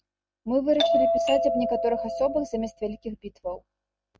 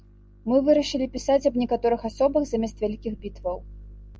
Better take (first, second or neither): second